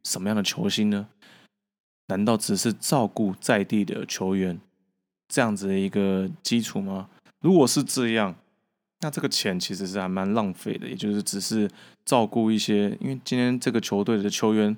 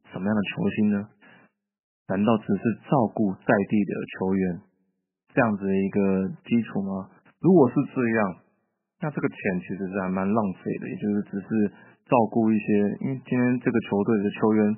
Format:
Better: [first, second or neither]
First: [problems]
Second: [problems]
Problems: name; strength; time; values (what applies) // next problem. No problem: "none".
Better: first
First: none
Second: garbled, watery; badly; nothing above 3 kHz